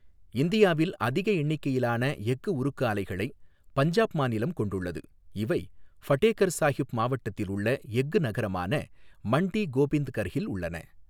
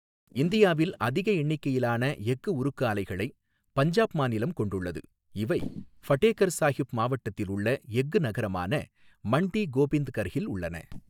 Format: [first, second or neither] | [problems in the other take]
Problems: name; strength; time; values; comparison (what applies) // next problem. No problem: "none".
first | noise reduction (neural mask model DeepFilterNet 3)